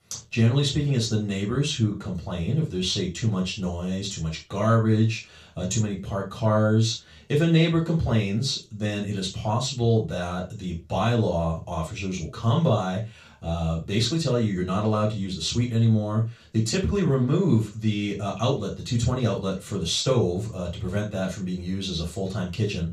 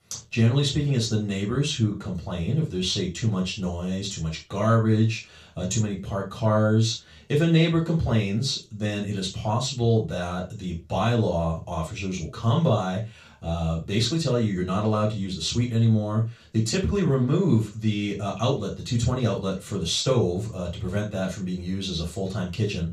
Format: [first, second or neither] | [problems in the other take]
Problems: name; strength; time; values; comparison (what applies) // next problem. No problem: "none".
neither | room echo; noticeable; dies away in 0.2 s; the same in both // off-mic speech; far; the same in both